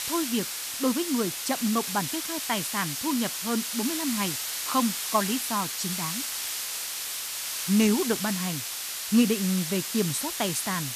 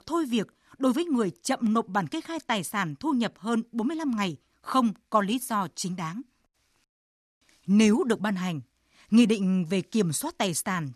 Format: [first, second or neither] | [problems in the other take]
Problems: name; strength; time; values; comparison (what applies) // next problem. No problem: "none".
second | hiss; loud; throughout; 2 dB below the speech